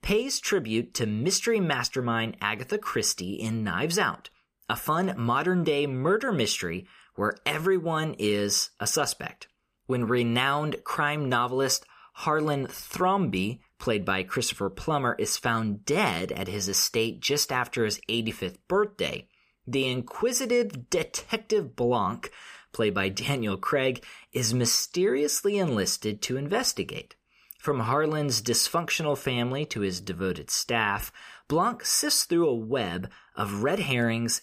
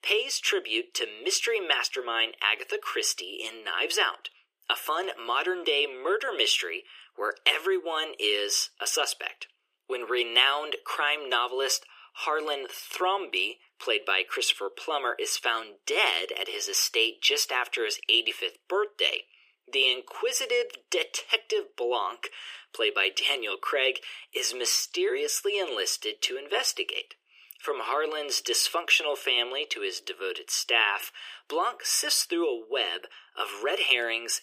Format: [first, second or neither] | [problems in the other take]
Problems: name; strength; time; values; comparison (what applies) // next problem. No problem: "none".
first | thin; very; fading below 350 Hz